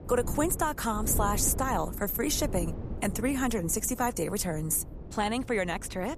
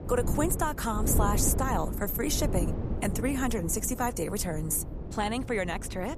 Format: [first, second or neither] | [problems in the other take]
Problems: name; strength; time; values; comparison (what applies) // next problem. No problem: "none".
first | wind noise on the microphone; heavy; 10 dB below the speech; occasional gusts in the first